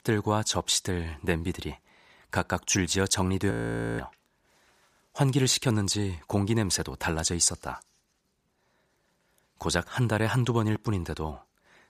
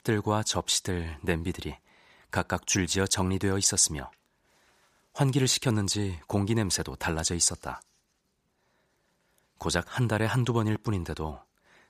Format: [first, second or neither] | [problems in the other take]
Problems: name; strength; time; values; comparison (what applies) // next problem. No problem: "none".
second | audio freezing; at 3.5 s